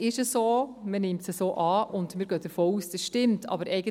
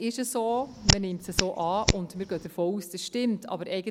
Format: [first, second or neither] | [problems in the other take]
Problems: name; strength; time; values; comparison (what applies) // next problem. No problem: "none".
first | background sound (Hands); 1 dB above the speech